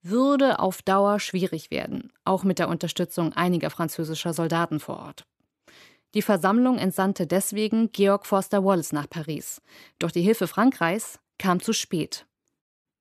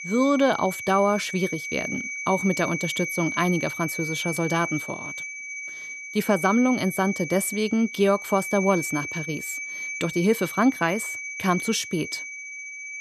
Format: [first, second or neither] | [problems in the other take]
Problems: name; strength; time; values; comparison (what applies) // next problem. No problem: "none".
first | high-pitched whine; loud; throughout; 2.5 kHz, 7 dB below the speech